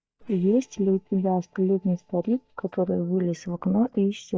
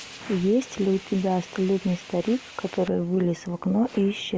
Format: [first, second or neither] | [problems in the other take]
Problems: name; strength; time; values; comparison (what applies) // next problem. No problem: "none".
second | noise reduction (neural mask model DeepFilterNet 3)